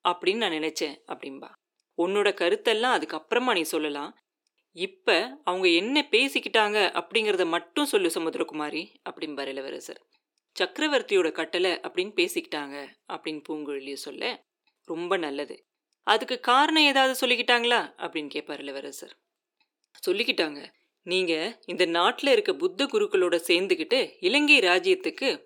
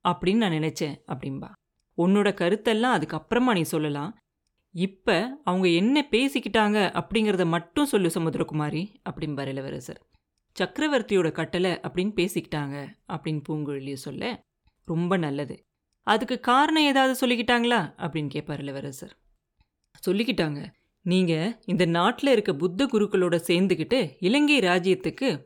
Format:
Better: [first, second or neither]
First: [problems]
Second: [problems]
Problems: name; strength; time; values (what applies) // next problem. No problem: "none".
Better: second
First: thin; somewhat; fading below 350 Hz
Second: none